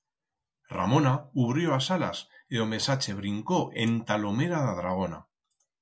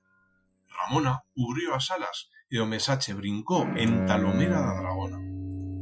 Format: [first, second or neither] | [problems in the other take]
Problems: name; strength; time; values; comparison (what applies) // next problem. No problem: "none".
first | noise reduction (classical method Wiener filter)